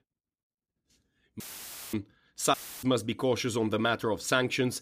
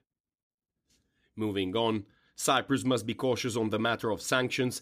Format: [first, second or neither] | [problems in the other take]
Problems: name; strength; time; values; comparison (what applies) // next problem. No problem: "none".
second | audio cutting out; filled with static; at 1.5 s for 0.5 s and at 2.5 s